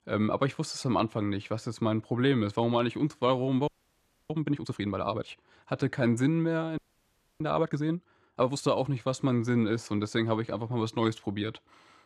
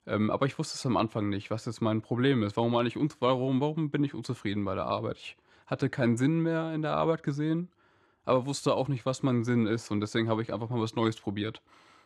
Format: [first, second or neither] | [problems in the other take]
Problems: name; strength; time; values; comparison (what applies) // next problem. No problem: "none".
second | audio freezing; at 3.5 s for 0.5 s and at 7 s for 0.5 s